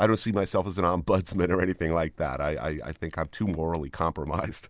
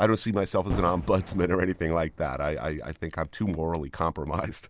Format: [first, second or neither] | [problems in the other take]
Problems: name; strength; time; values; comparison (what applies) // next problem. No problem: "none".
first | background sound (Boom); 13 dB below the speech